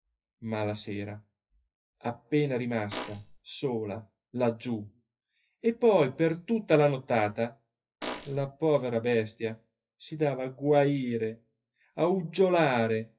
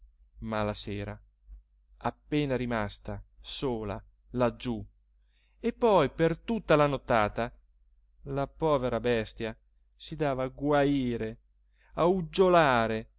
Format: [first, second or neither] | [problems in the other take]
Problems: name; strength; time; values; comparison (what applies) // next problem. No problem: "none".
second | noise reduction (classical method WPE with log-MMSE)